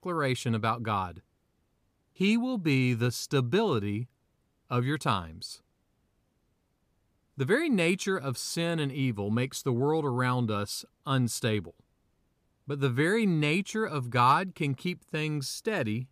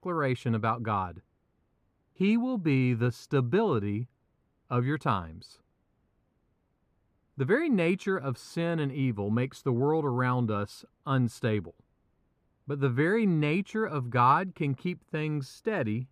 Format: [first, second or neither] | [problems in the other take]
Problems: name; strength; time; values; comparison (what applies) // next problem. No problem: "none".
first | muffled; slightly; fading above 3 kHz